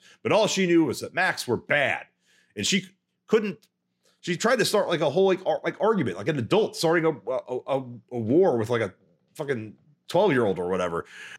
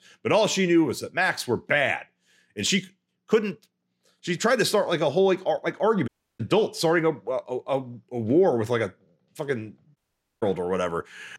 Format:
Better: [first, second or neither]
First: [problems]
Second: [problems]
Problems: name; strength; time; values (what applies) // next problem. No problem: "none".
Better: first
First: none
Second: audio cutting out; at 6 s and at 10 s